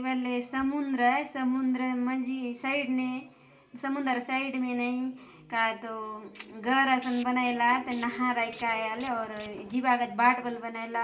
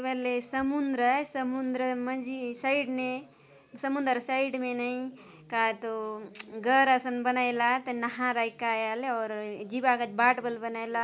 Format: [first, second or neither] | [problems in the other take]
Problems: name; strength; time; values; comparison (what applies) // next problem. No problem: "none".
second | background sound (Tools); 19 dB below the speech // room echo; dies away in 0.5 s